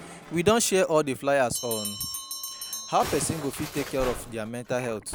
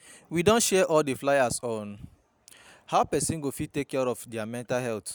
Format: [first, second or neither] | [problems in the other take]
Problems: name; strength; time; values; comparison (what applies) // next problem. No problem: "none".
second | background sound (Bell + Musical instrument); 10 dB below the speech